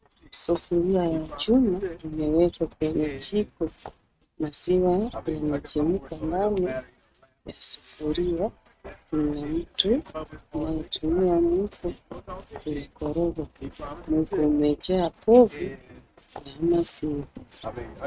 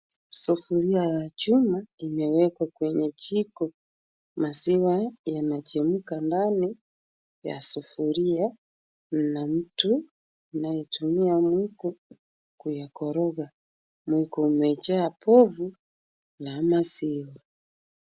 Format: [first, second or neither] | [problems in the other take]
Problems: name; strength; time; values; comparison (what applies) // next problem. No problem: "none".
second | noise reduction (neural mask model RNNoise)